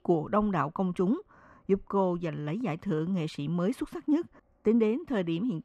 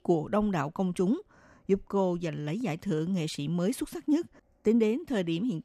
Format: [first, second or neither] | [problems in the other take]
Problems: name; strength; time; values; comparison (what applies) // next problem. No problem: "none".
second | muffled; slightly; fading above 4 kHz